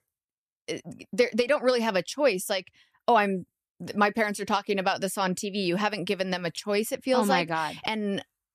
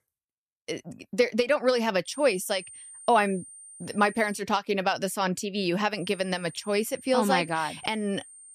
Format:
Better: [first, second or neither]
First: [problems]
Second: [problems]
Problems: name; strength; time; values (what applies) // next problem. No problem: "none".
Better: first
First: none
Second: high-pitched whine; noticeable; from 2 to 4.5 s and from 6 s on; 9 kHz, 20 dB below the speech